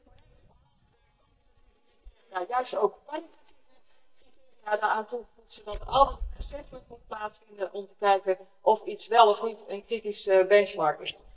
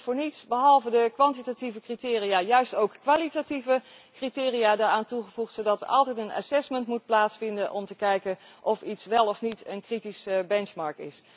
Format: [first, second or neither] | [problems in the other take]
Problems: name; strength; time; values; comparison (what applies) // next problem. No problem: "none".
second | noise reduction (neural mask model DeepFilterNet 3)